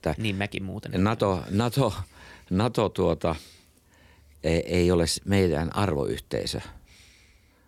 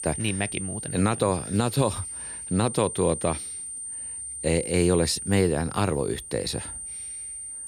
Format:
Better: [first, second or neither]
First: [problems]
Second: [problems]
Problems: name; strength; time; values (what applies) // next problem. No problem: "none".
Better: first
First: none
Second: high-pitched whine; loud; throughout; 9 kHz, 7 dB below the speech